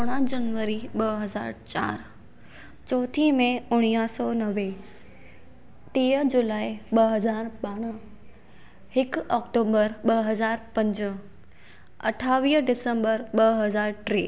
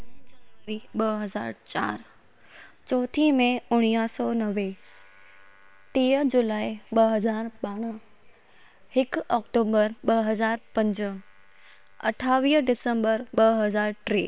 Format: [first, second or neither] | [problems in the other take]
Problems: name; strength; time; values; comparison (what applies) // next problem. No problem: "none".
first | noise reduction (neural separator model SepFormer WHAM!)